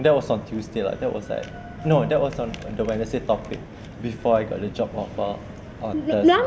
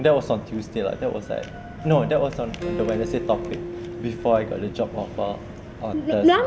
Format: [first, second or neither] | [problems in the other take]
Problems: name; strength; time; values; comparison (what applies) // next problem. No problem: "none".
first | background sound (Acoustic guitar); 13 dB below the speech